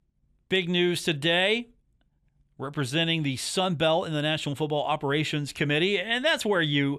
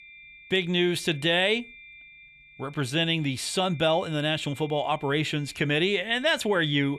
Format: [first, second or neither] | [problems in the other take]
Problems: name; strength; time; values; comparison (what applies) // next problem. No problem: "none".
first | high-pitched whine; faint; throughout; 2.5 kHz, 20 dB below the speech